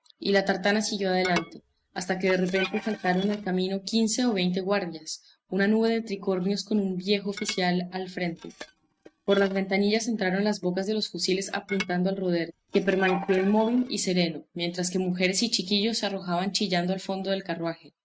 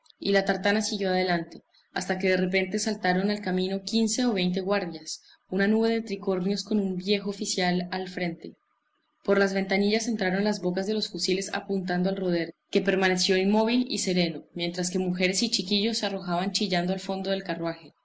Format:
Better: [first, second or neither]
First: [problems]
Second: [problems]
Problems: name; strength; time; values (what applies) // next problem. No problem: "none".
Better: second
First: noise reduction (neural mask model RNNoise)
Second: none